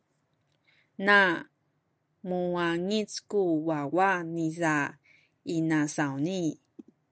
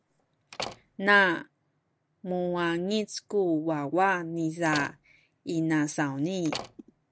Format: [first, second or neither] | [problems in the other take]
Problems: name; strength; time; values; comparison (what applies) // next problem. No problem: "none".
first | background sound (Slam); 13 dB below the speech